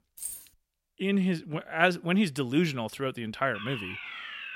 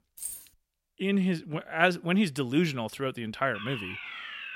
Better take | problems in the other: neither | jangling keys; noticeable; at the start; peak 9 dB below the speech; the same in both // alarm; noticeable; from 3.5 s on; peak 8 dB below the speech; the same in both

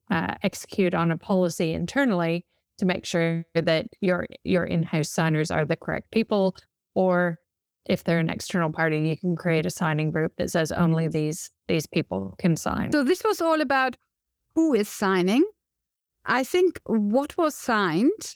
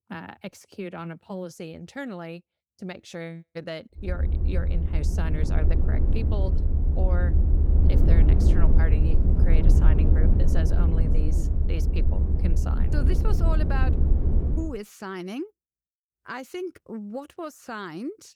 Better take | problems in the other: first | low rumble; loud; from 4 to 15 s; 1 dB below the speech

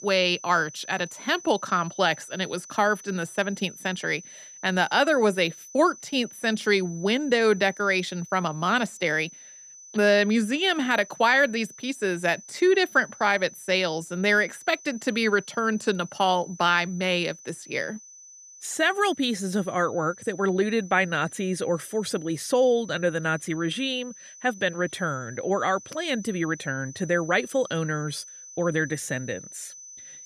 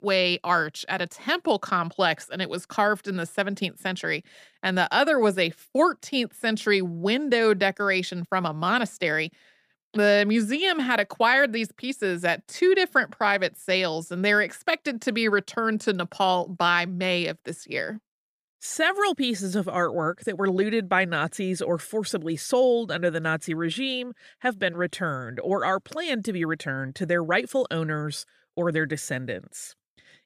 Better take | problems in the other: second | high-pitched whine; noticeable; throughout; 6 kHz, 20 dB below the speech

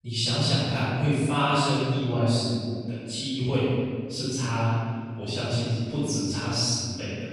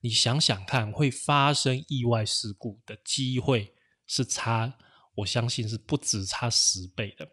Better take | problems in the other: second | off-mic speech; far // room echo; strong; dies away in 2.2 s

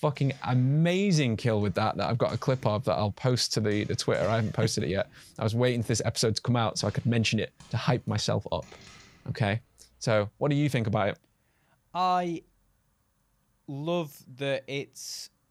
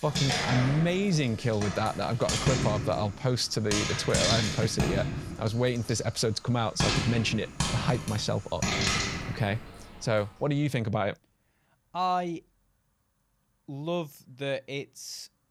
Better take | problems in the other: first | household noises; loud; until 10 s; 1 dB below the speech; faint in the first

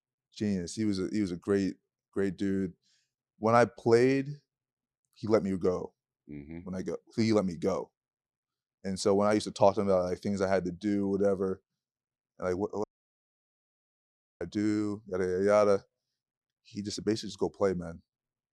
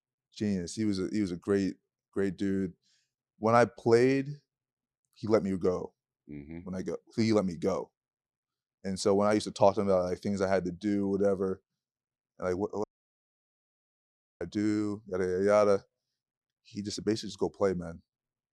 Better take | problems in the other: neither | audio cutting out; at 13 s for 1.5 s; the same in both

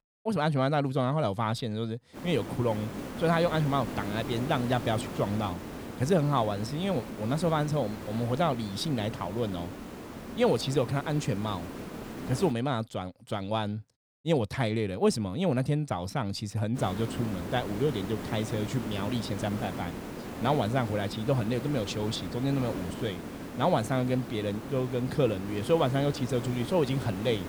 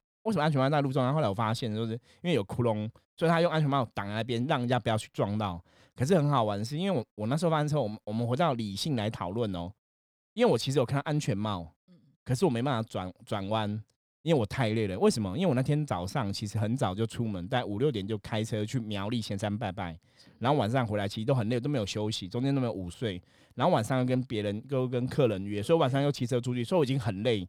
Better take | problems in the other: second | hiss; loud; from 2 to 13 s and from 17 s on; 9 dB below the speech

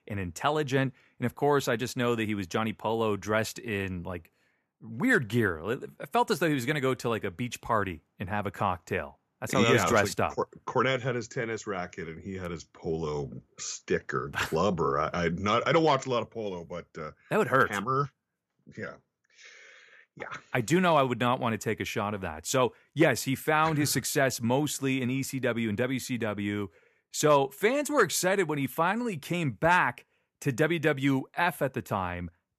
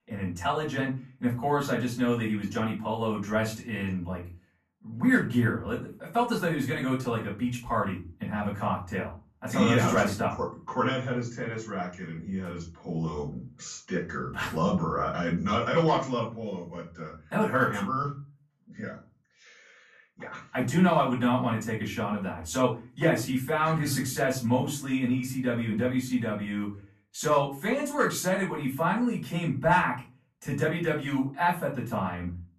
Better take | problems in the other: first | off-mic speech; far // room echo; slight; dies away in 0.3 s

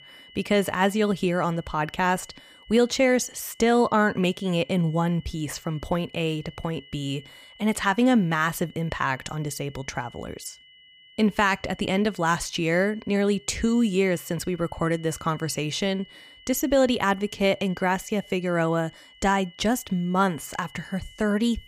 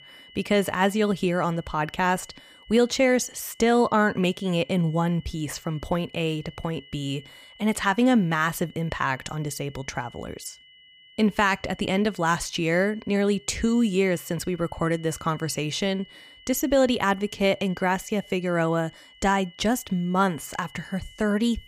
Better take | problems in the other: neither | high-pitched whine; faint; throughout; 3 kHz, 25 dB below the speech; the same in both

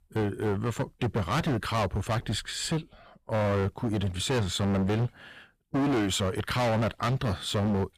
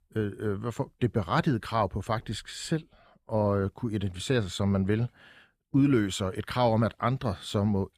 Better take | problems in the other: second | distortion; heavy; 23% of the sound clipped

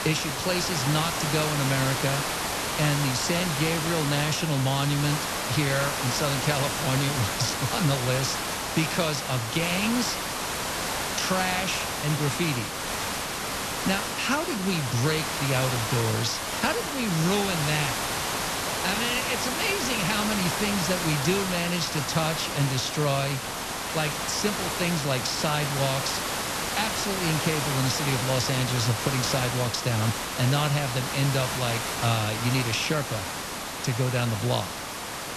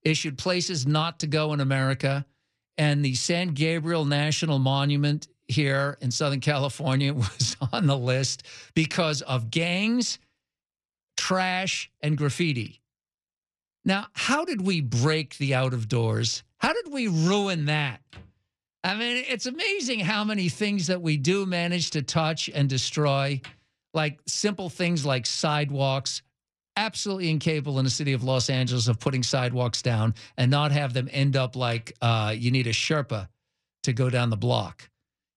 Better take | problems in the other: second | hiss; loud; throughout; 1 dB below the speech

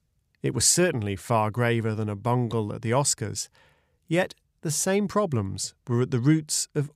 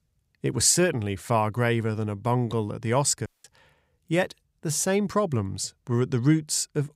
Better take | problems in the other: first | audio cutting out; at 3.5 s

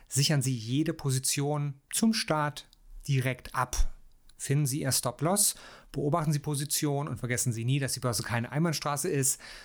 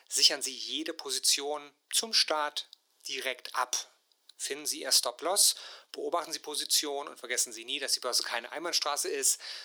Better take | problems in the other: first | thin; very; fading below 350 Hz

